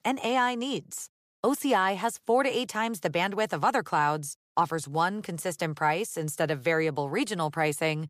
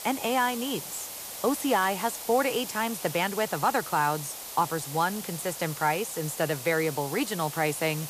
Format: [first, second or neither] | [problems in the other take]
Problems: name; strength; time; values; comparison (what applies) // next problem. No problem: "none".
first | hiss; loud; throughout; 8 dB below the speech